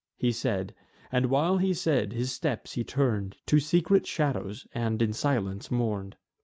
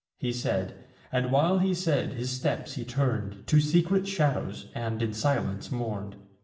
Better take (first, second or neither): first